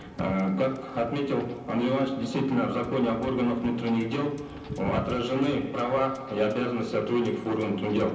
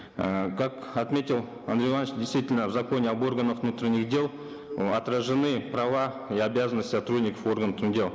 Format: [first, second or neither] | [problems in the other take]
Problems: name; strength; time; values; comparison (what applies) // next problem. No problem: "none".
second | background sound (Wind / Boat, Water vehicle); 16 dB below the speech // room echo; dies away in 0.6 s